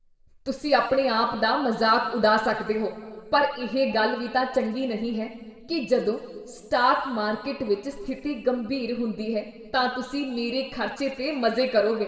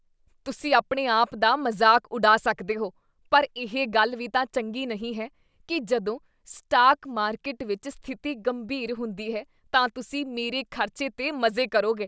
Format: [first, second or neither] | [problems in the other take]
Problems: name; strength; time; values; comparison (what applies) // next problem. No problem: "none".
second | room echo; dies away in 1.6 s